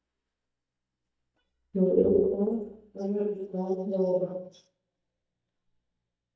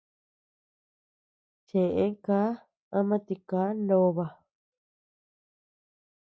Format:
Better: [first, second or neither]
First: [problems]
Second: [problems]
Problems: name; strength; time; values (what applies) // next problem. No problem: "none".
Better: second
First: noise reduction (neural mask model DeepFilterNet 3)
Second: none